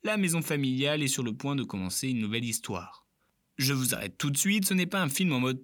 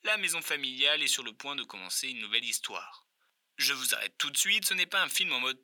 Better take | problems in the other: first | thin; very; fading below 650 Hz

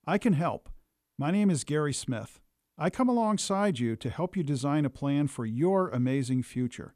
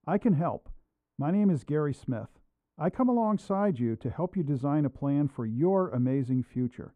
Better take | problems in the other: first | muffled; very; fading above 2 kHz

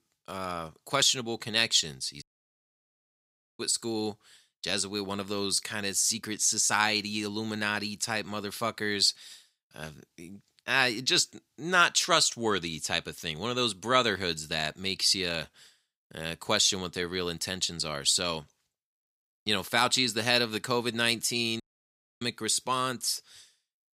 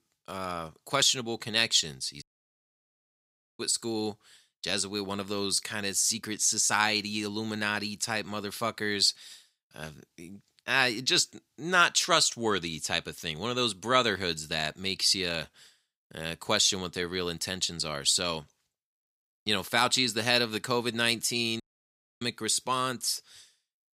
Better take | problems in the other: neither | audio cutting out; at 2 s for 1.5 s and at 22 s for 0.5 s; the same in both

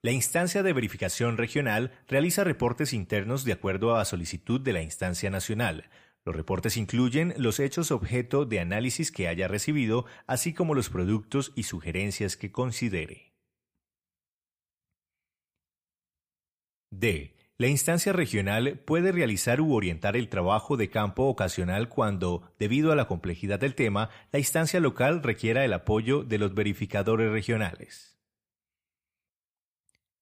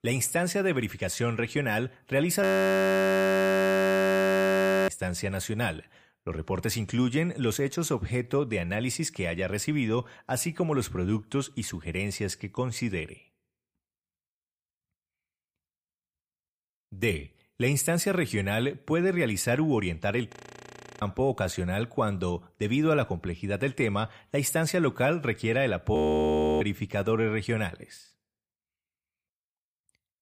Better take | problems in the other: first | audio freezing; at 2.5 s for 2.5 s, at 20 s for 0.5 s and at 26 s for 0.5 s

